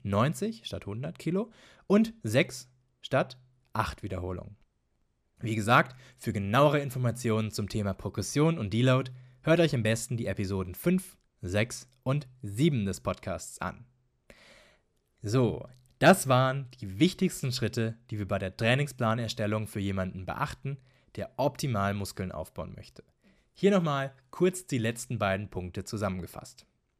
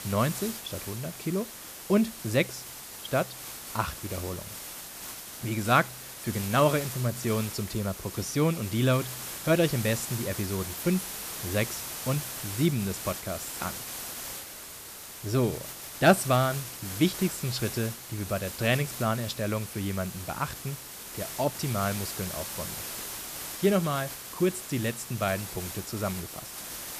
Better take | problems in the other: first | hiss; loud; throughout; 8 dB below the speech

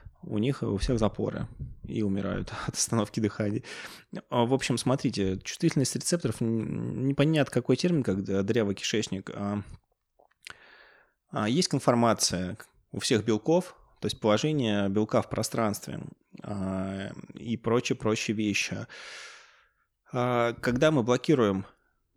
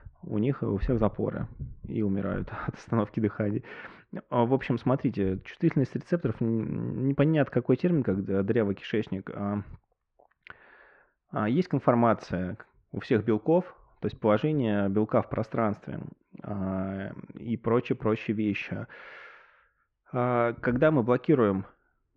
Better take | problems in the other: first | muffled; very; fading above 2 kHz

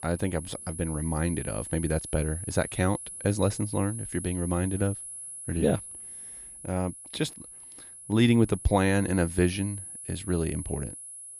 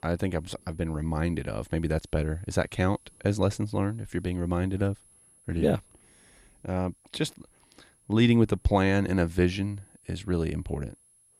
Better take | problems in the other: second | high-pitched whine; loud; throughout; 10.5 kHz, 10 dB below the speech; faint in the second

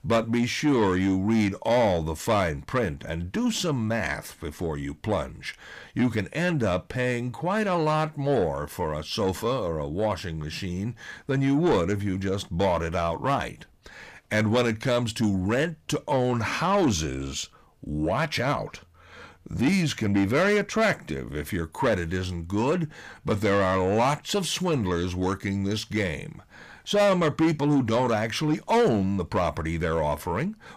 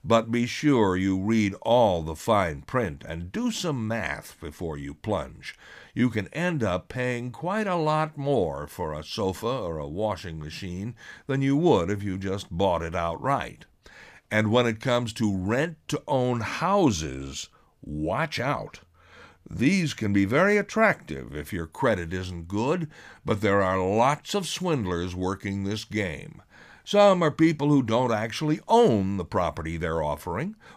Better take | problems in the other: second | distortion; slight; 10 dB below the speech

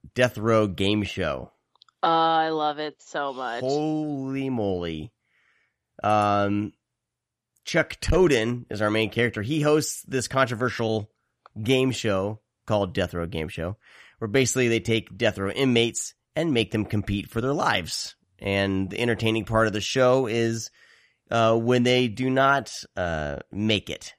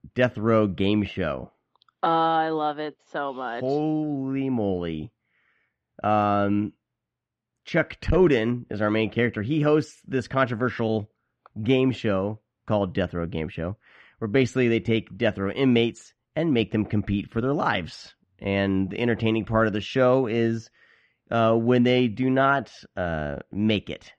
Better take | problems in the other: first | muffled; slightly; fading above 3 kHz

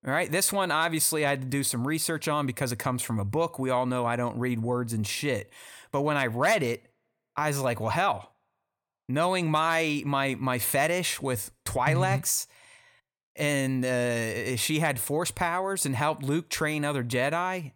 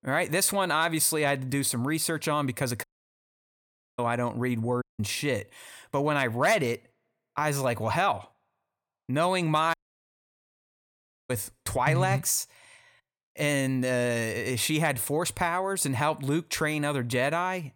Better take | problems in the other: first | audio cutting out; at 3 s for 1 s, at 5 s and at 9.5 s for 1.5 s

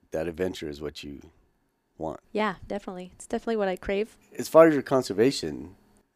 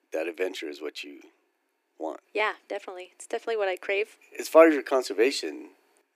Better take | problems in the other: first | thin; somewhat; fading below 300 Hz

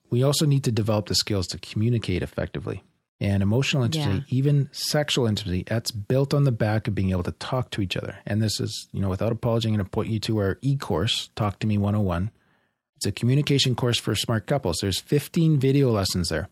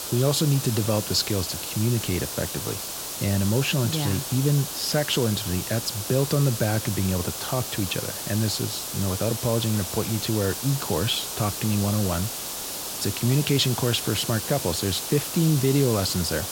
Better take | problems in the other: first | hiss; loud; throughout; 5 dB below the speech

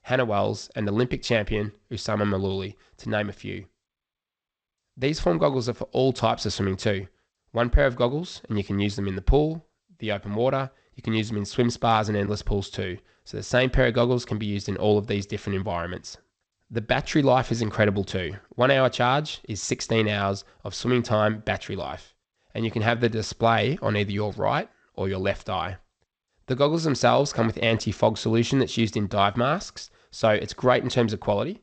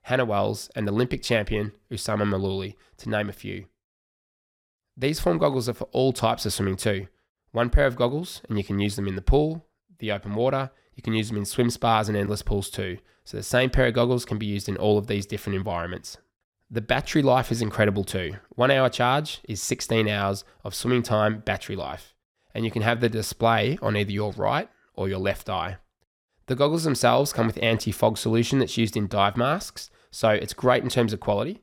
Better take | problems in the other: second | garbled, watery; slightly; nothing above 8 kHz

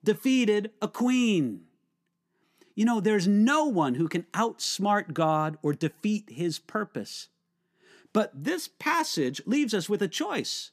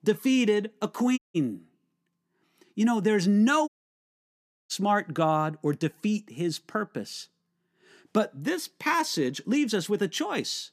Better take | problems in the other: first | audio cutting out; at 1 s and at 3.5 s for 1 s

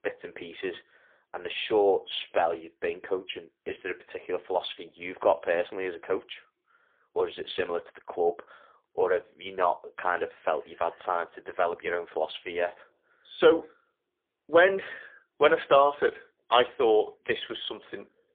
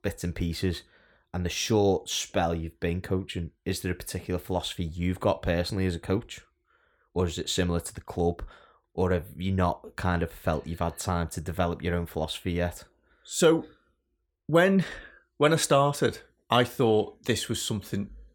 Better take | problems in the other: second | phone-call audio; poor line; nothing above 3.5 kHz

